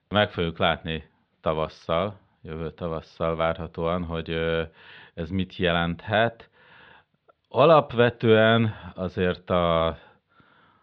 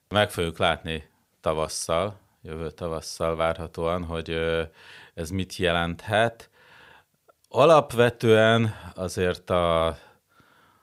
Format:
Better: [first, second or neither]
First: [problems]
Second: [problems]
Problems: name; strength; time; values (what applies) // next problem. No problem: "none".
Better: second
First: muffled; very; fading above 3.5 kHz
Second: none